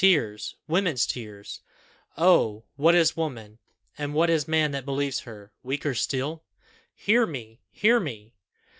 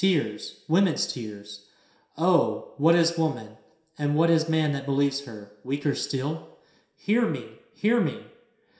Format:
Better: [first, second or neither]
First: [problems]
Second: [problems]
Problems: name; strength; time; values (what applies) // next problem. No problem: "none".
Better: first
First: none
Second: room echo; dies away in 0.7 s